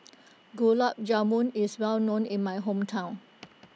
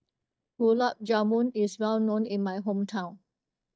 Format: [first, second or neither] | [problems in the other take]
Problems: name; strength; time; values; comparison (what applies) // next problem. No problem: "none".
first | noise reduction (neural mask model DeepFilterNet 3)